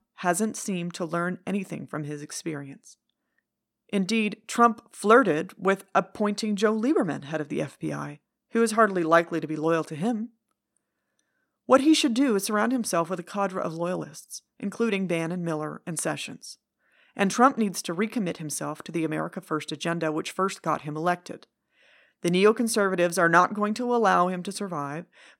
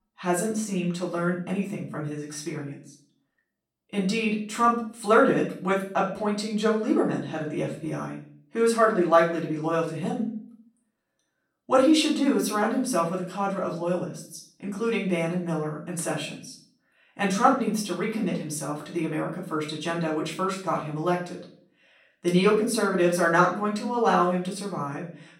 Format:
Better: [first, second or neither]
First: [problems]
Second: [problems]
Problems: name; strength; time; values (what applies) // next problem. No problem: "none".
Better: first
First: none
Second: room echo; slight; dies away in 0.4 s // off-mic speech; far